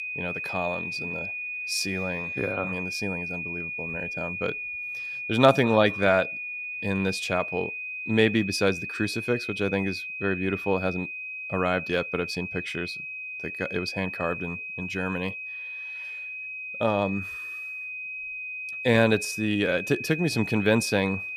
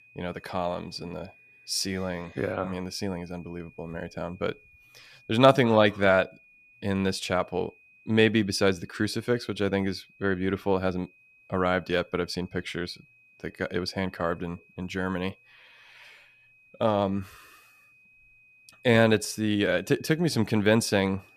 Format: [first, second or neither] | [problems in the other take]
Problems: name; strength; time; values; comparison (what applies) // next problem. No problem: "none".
second | high-pitched whine; loud; throughout; 2.5 kHz, 5 dB below the speech; faint in the second